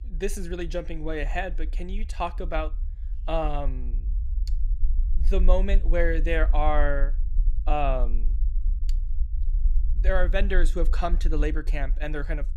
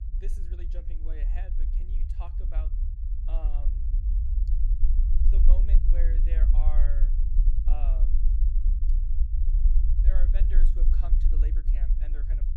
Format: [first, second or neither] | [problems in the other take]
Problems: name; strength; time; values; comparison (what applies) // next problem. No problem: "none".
first | low rumble; loud; throughout; 2 dB below the speech; faint in the first